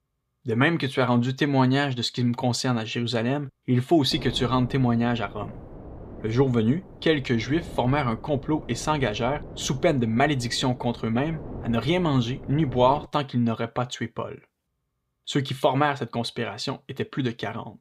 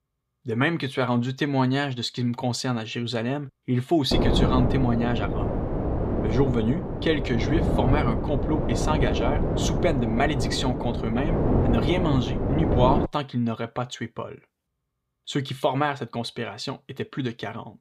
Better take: first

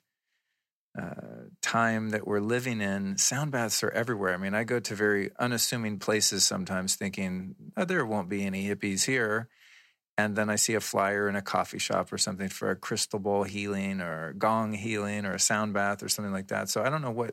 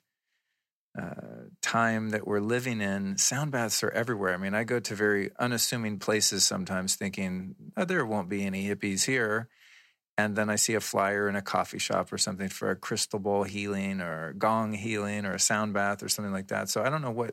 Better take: neither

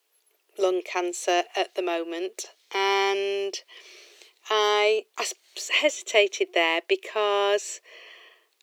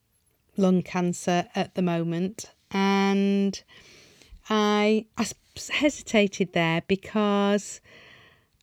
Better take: second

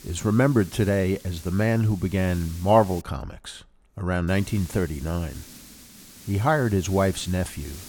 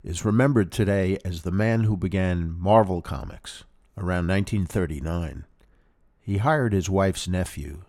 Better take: second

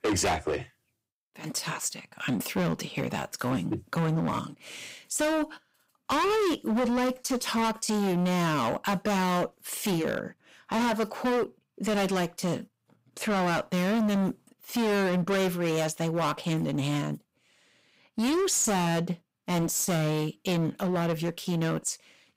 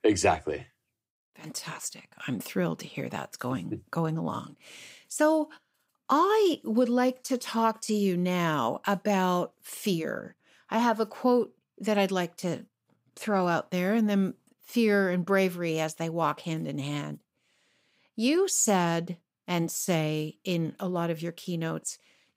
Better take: second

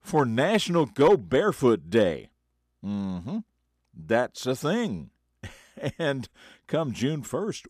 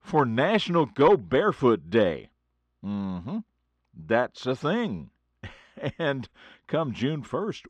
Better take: first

